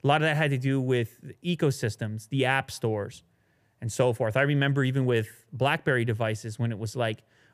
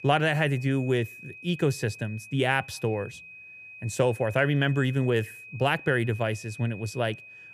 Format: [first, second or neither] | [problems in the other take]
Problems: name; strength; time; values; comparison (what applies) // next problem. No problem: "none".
first | high-pitched whine; noticeable; throughout; 2.5 kHz, 15 dB below the speech